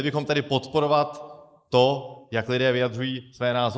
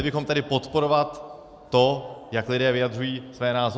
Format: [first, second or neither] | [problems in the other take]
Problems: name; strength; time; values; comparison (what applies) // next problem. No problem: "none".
second | noise reduction (neural mask model Resemble Enhance denoiser)